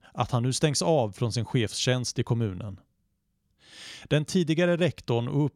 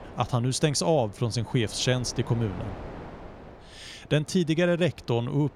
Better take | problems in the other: first | wind noise on the microphone; occasional gusts; 20 dB below the speech

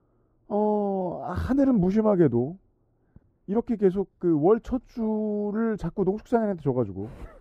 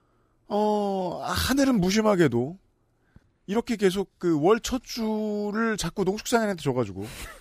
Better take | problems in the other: second | muffled; very; fading above 1.5 kHz

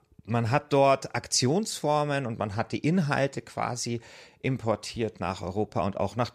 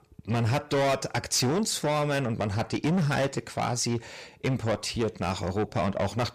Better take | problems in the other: first | distortion; heavy; 6 dB below the speech

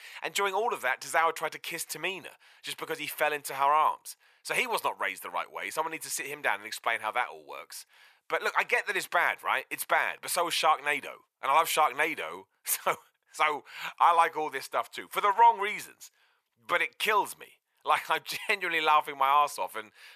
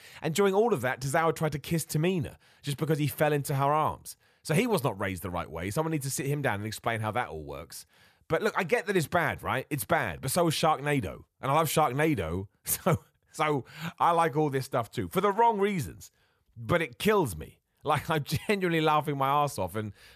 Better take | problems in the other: second | thin; very; fading below 650 Hz

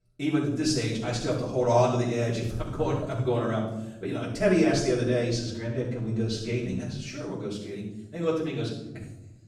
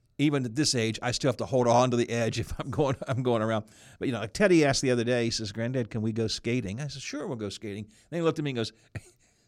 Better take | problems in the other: second | off-mic speech; far // room echo; noticeable; dies away in 0.9 s

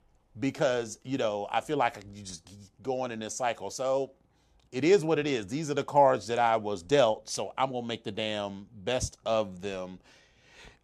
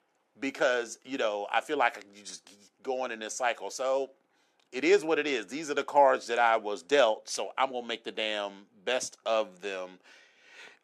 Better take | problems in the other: first | thin; very slightly; fading below 300 Hz

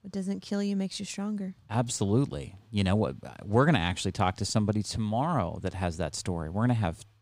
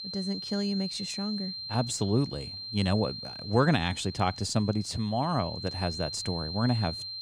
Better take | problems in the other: first | high-pitched whine; loud; throughout; 4 kHz, 7 dB below the speech

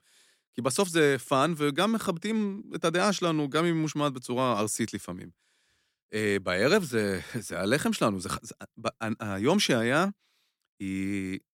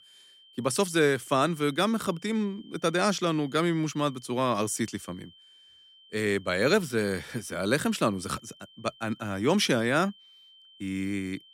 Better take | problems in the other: first | high-pitched whine; faint; throughout; 3 kHz, 25 dB below the speech

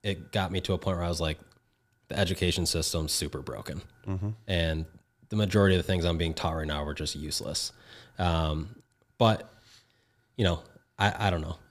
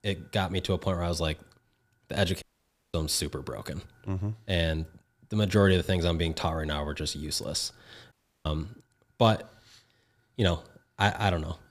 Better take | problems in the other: first | audio cutting out; at 2.5 s for 0.5 s and at 8 s

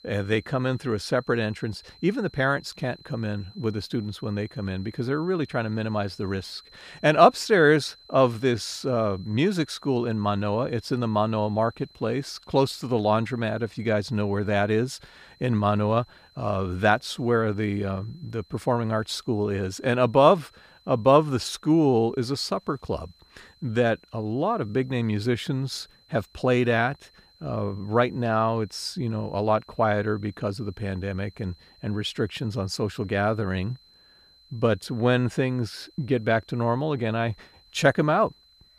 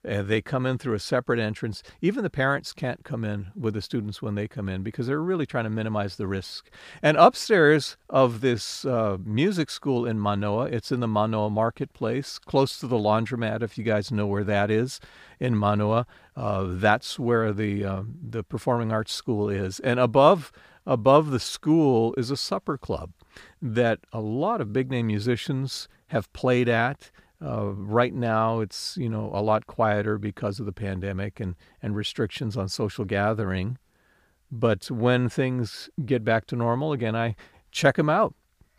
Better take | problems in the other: second | high-pitched whine; faint; throughout; 4 kHz, 30 dB below the speech

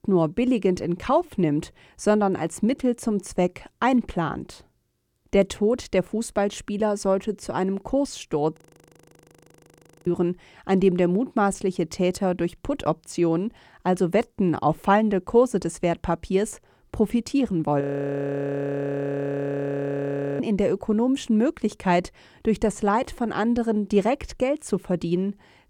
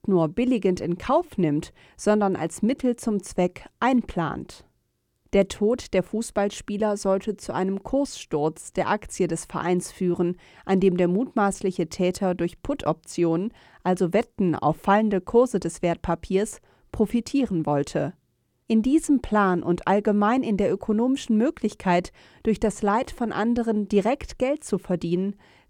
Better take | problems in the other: second | audio freezing; at 8.5 s for 1.5 s and at 18 s for 2.5 s

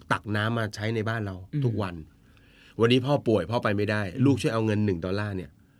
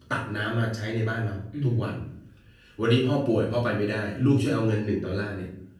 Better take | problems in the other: first | off-mic speech; far // room echo; noticeable; dies away in 0.5 s

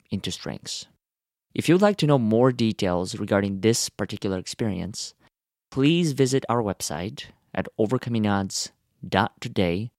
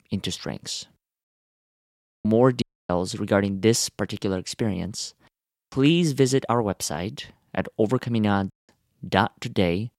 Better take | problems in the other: first | audio cutting out; at 1 s for 1 s, at 2.5 s and at 8.5 s

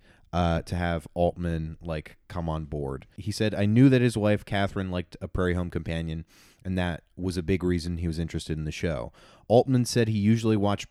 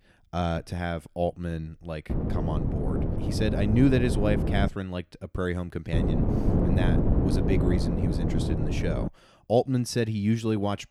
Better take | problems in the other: first | wind noise on the microphone; heavy; from 2 to 4.5 s and from 6 to 9 s; 3 dB below the speech

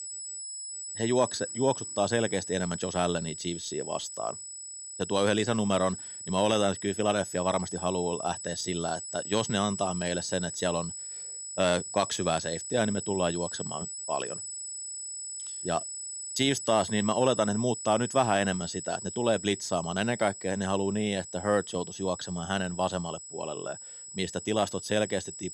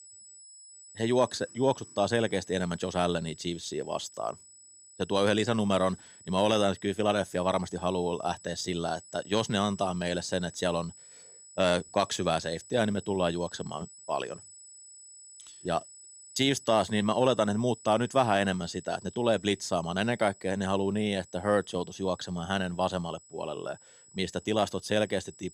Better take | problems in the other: second | high-pitched whine; loud; throughout; 8 kHz, 8 dB below the speech; faint in the second

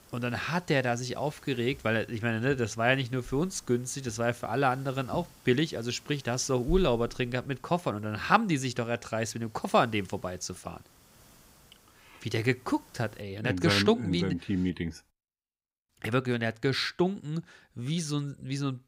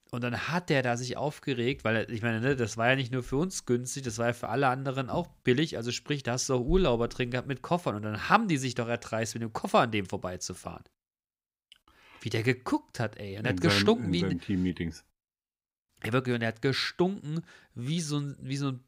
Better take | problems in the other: second | hiss; faint; until 13 s; 25 dB below the speech

